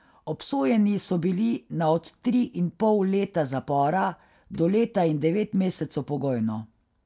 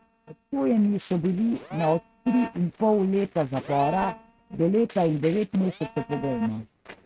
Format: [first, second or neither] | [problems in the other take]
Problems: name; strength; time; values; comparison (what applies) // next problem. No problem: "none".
first | noise reduction (neural mask model RNNoise)